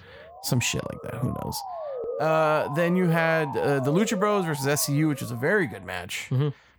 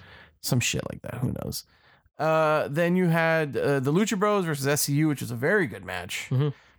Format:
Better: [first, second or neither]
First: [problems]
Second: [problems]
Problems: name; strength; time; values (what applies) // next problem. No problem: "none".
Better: second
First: siren; noticeable; until 5.5 s; peak 6 dB below the speech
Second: none